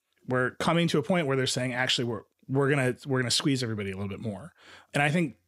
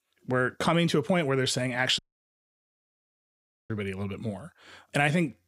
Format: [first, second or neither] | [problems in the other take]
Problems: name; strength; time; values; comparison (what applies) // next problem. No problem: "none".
first | audio cutting out; at 2 s for 1.5 s